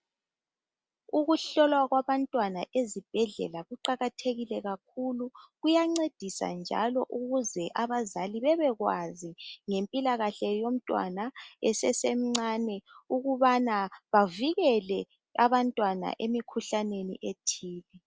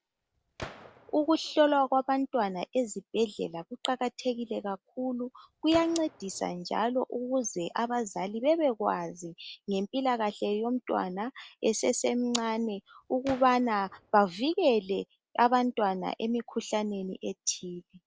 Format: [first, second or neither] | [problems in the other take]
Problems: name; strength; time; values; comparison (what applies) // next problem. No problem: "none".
first | background sound (Gunshot, gunfire); 18 dB below the speech